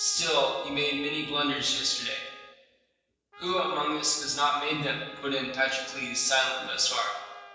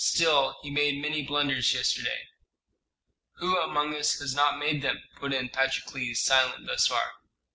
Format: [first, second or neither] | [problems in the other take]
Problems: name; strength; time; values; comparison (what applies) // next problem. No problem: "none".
second | background sound (Trumpet); 19 dB below the speech // room echo; dies away in 1 s